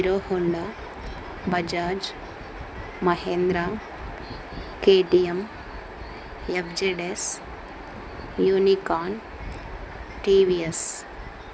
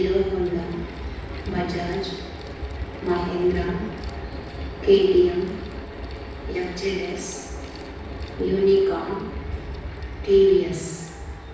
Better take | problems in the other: first | background sound (Mechanical fan); 17 dB below the speech // room echo; dies away in 1.1 s

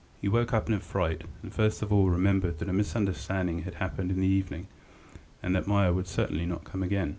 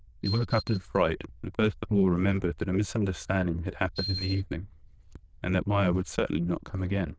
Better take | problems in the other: first | noise reduction (neural diffusion model UNIVERSE++)

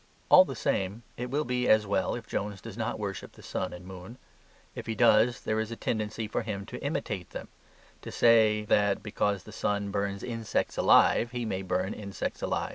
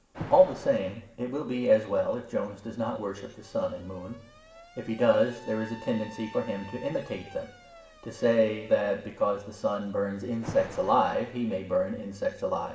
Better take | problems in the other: first | background sound (Alarm); 19 dB below the speech // room echo; dies away in 0.8 s

